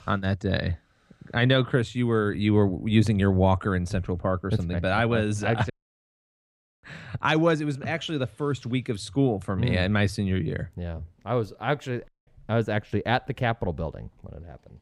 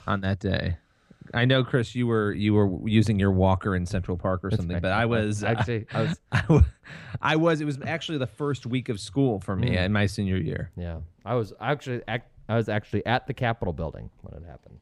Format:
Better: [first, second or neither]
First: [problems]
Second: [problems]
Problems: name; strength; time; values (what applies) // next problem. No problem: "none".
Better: second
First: audio cutting out; at 5.5 s for 1 s and at 12 s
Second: none